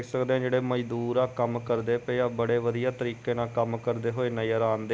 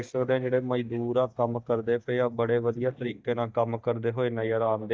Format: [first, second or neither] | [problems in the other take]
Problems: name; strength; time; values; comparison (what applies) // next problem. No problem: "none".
first | noise reduction (neural mask model DeepFilterNet 3)